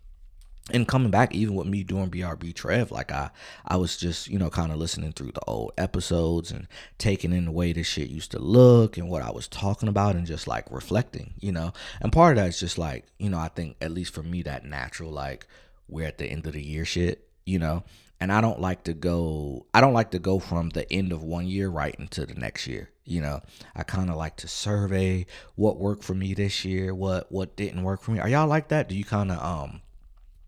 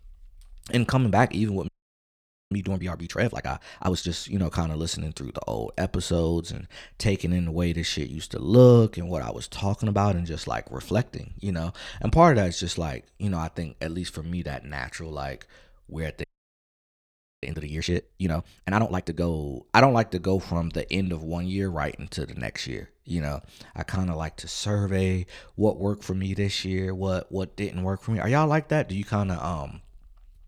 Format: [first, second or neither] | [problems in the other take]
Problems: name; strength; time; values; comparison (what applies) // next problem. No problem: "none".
first | audio freezing; at 1.5 s for 1 s and at 16 s for 1 s